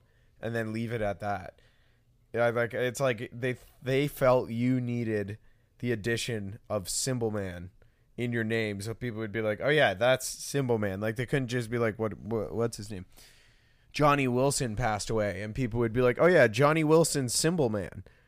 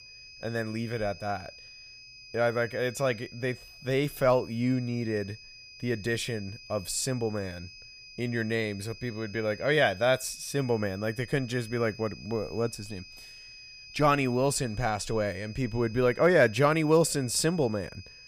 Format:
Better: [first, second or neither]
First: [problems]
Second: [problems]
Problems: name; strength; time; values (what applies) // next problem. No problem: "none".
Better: first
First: none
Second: high-pitched whine; noticeable; throughout; 5 kHz, 20 dB below the speech